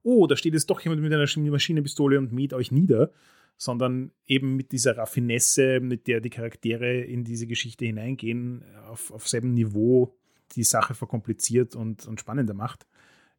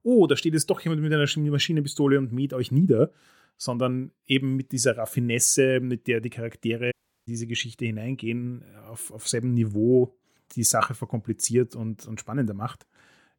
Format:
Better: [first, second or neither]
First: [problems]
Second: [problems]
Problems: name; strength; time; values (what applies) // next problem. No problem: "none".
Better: first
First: none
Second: audio cutting out; at 7 s